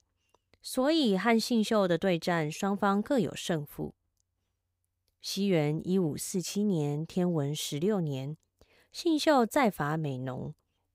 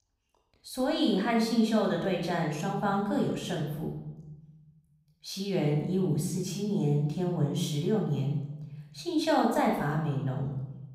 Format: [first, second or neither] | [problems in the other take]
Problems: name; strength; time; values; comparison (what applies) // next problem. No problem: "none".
first | off-mic speech; somewhat distant // room echo; noticeable; dies away in 1.1 s